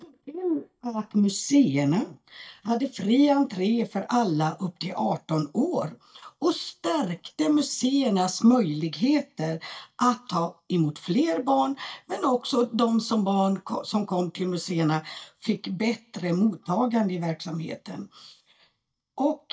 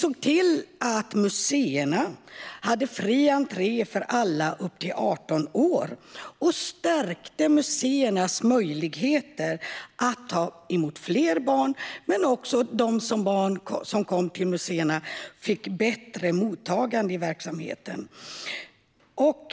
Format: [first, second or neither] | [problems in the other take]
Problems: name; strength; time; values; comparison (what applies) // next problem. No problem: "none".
second | noise reduction (neural mask model DeepFilterNet 3)